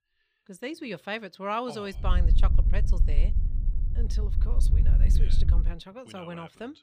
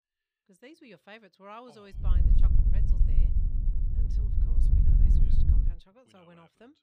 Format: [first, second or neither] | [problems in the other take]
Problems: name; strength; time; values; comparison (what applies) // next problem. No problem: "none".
first | wind noise on the microphone; heavy; from 2 to 5.5 s; 4 dB above the speech; occasional gusts in the first